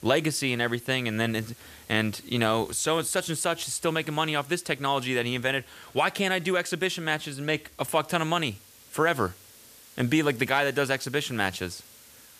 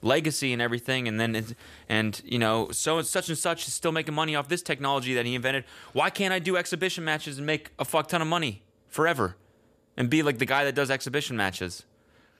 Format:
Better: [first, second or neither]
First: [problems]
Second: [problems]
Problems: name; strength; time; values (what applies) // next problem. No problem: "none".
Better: second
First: hiss; faint; throughout; 25 dB below the speech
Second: none